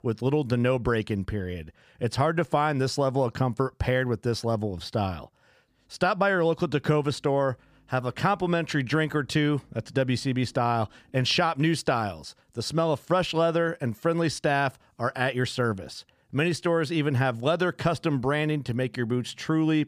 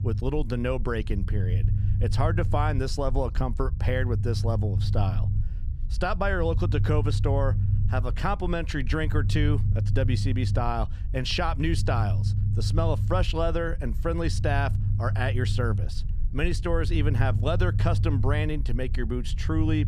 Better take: first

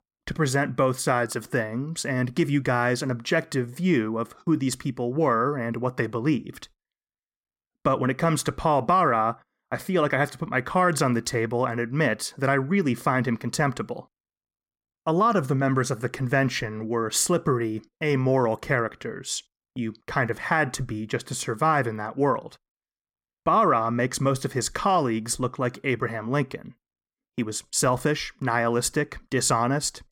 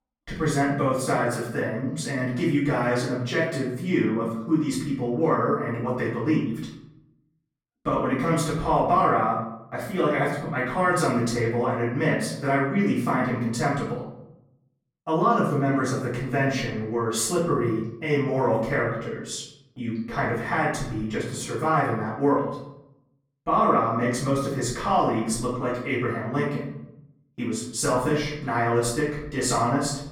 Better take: first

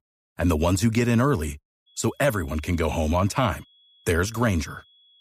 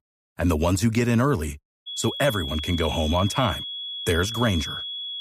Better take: first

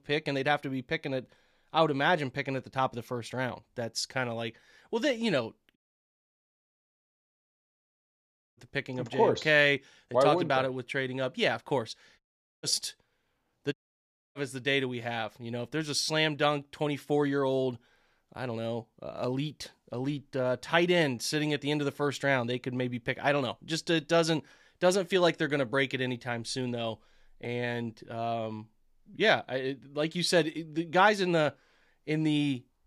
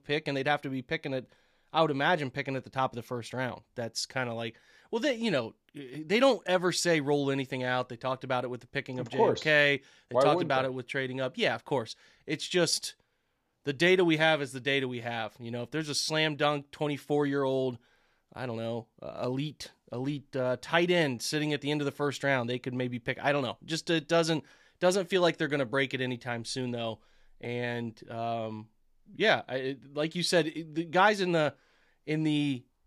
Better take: second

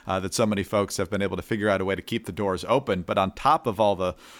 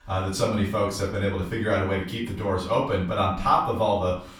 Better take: first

